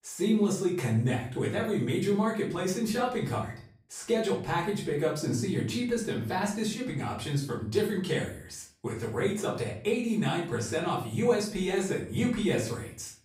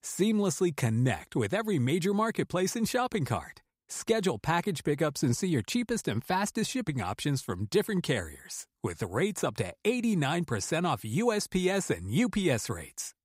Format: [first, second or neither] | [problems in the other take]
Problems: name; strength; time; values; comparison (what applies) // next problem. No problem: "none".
second | room echo; slight; dies away in 0.4 s // off-mic speech; far